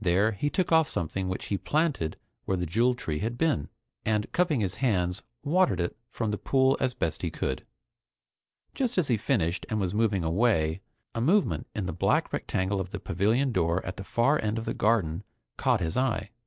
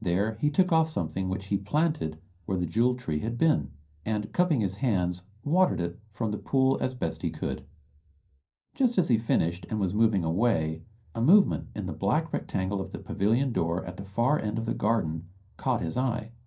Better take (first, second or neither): first